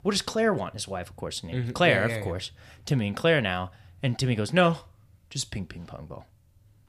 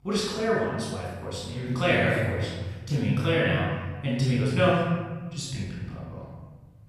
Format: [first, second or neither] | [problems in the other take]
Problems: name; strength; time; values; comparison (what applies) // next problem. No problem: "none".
first | off-mic speech; far // room echo; strong; dies away in 1.4 s